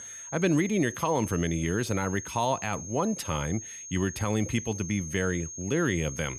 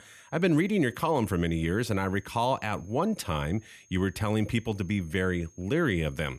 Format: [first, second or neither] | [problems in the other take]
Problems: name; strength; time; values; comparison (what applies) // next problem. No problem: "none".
second | high-pitched whine; loud; throughout; 6.5 kHz, 10 dB below the speech; faint in the second